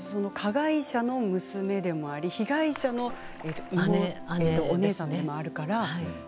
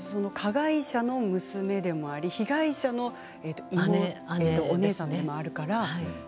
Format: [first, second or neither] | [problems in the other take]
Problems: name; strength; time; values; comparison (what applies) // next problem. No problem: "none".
second | background sound (Splash, splatter); 11 dB below the speech